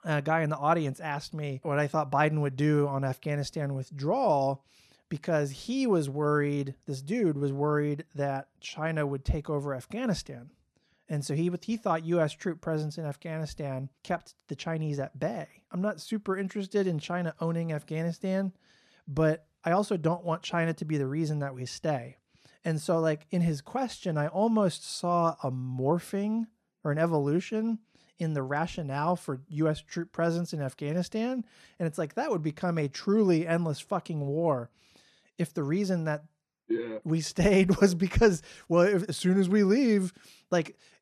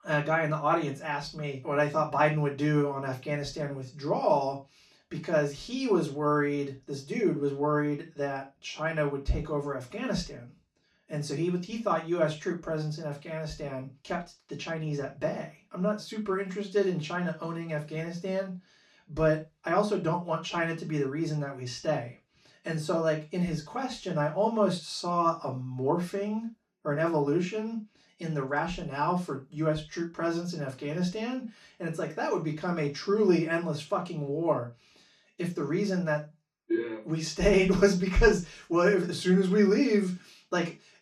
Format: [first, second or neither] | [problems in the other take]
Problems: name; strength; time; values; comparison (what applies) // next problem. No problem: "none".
first | room echo; slight; dies away in 0.3 s // off-mic speech; far